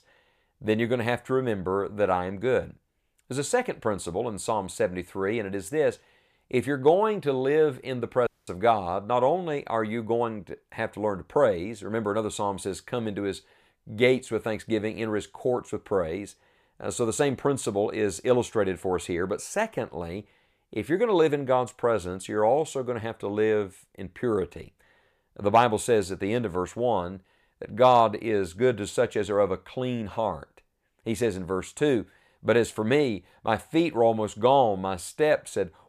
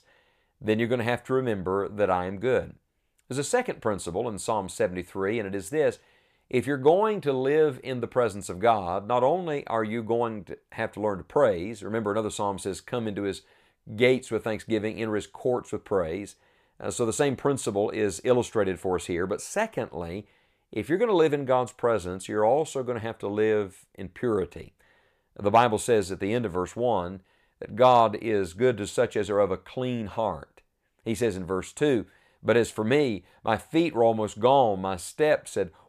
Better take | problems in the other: second | audio cutting out; at 8.5 s

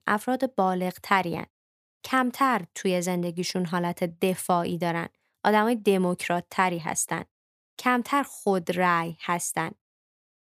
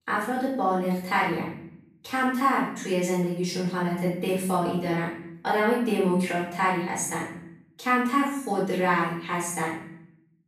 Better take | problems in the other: first | off-mic speech; far // room echo; noticeable; dies away in 0.6 s

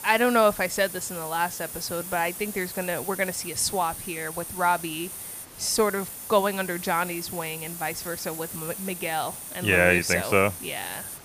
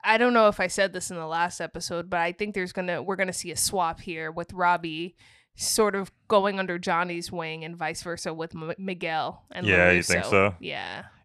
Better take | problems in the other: second | hiss; loud; throughout; 9 dB below the speech

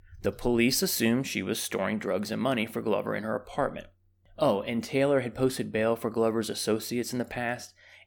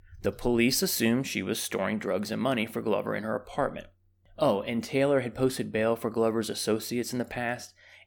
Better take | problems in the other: neither | none

